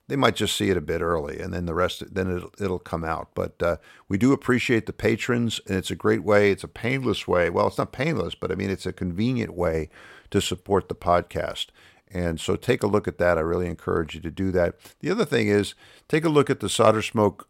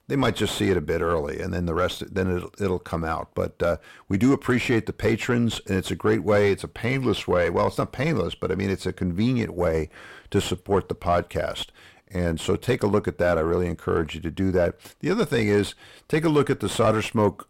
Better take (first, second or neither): first